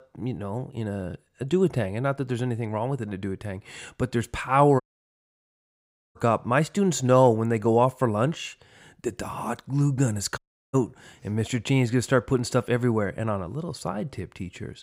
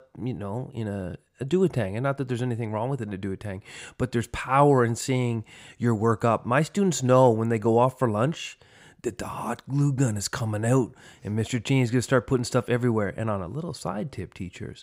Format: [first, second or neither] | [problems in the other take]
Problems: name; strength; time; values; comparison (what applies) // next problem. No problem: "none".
second | audio cutting out; at 5 s for 1.5 s and at 10 s